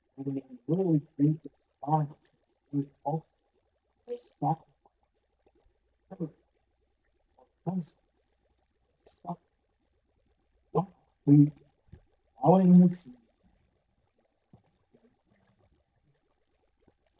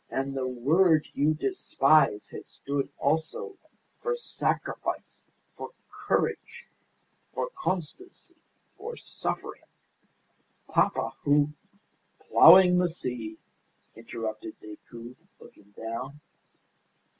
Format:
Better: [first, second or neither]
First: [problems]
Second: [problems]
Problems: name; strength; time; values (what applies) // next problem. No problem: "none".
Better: second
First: noise reduction (neural mask model DeepFilterNet 3)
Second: none